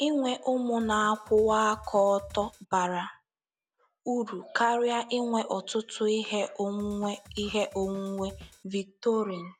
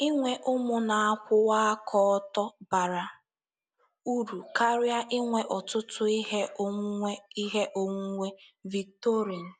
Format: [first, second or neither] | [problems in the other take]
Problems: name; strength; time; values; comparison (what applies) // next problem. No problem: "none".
second | background sound (Drum kit); 20 dB below the speech